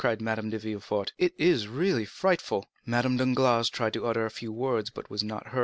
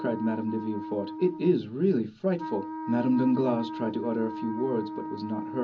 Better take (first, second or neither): first